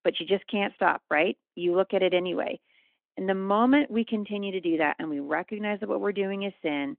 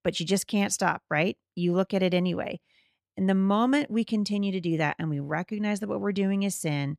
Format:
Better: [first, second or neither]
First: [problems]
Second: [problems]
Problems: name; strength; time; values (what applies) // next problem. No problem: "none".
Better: second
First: phone-call audio; nothing above 3.5 kHz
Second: none